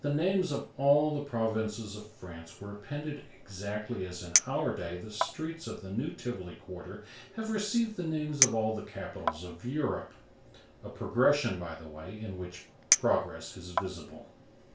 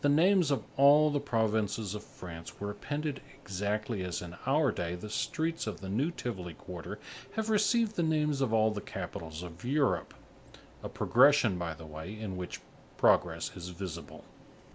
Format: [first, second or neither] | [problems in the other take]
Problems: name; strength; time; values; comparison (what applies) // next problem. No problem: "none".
second | background sound (Chink, clink); 1 dB below the speech // room echo; dies away in 0.2 s